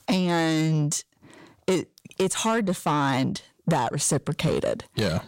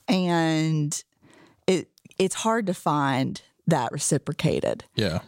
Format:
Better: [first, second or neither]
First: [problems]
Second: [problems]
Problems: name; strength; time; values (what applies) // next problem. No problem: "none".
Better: second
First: distortion; slight; 10 dB below the speech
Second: none